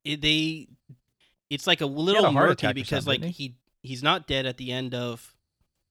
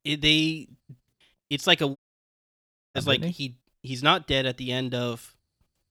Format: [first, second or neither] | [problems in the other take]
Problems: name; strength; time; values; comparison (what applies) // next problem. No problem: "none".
first | audio cutting out; at 2 s for 1 s